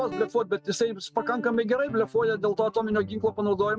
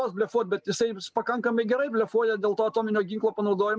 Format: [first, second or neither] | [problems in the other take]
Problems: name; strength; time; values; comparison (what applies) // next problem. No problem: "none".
second | noise reduction (neural mask model RNNoise)